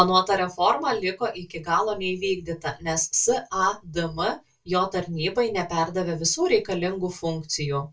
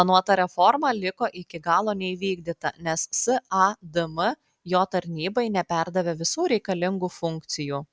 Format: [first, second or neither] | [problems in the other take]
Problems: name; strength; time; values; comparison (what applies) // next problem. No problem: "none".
second | room echo; dies away in 0.2 s